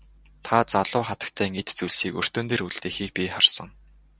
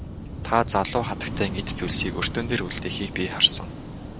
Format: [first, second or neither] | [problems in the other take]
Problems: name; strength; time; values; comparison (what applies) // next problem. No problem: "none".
first | background sound (Waves, surf / Wind); 6 dB below the speech